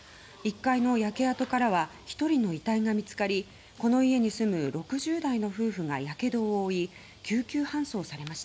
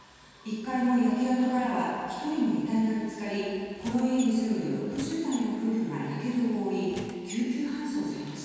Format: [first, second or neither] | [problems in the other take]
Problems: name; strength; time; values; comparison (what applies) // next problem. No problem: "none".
first | background sound (Squeak); 18 dB below the speech // room echo; dies away in 2.1 s